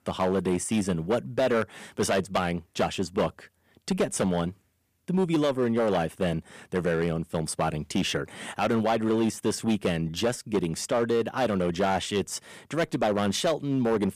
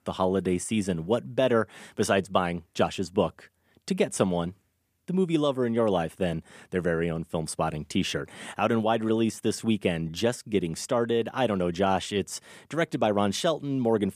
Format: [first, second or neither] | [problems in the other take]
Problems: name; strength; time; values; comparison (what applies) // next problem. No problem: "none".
second | distortion; slight; 7% of the sound clipped